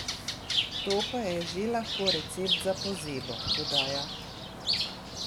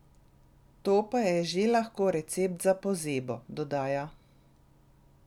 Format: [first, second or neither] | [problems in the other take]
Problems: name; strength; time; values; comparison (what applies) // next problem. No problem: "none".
second | background sound (Bird); 2 dB above the speech